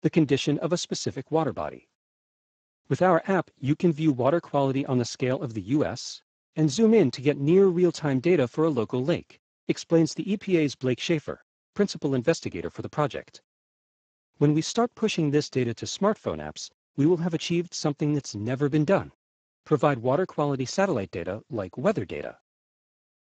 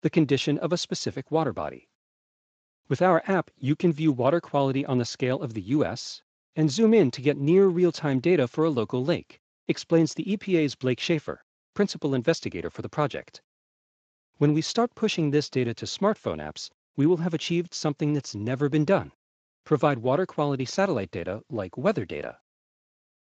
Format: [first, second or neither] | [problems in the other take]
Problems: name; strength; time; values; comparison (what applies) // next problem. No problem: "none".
second | garbled, watery; badly; nothing above 7.5 kHz; slightly in the second